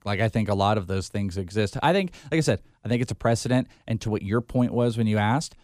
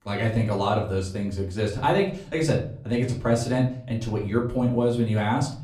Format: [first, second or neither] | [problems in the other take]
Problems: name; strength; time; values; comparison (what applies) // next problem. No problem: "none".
first | room echo; slight; dies away in 0.4 s // off-mic speech; far